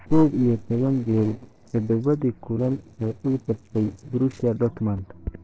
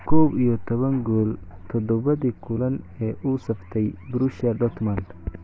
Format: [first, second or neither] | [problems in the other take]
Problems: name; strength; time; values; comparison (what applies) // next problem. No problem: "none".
second | noise reduction (neural separator model SepFormer DNS4)